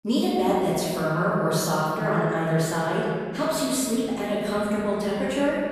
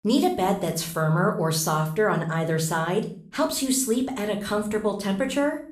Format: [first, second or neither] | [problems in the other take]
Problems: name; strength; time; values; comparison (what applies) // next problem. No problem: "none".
second | room echo; strong; dies away in 2.2 s; slight in the second // off-mic speech; far